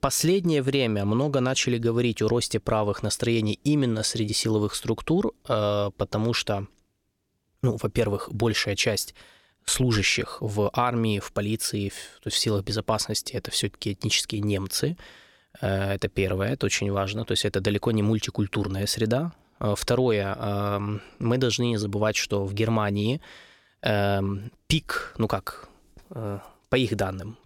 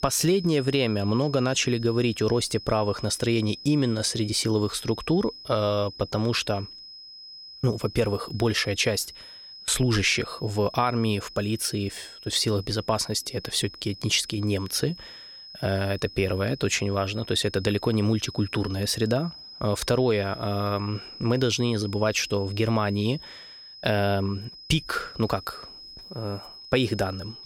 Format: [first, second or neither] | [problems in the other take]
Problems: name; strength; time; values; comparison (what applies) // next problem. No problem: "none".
first | high-pitched whine; noticeable; throughout; 5 kHz, 15 dB below the speech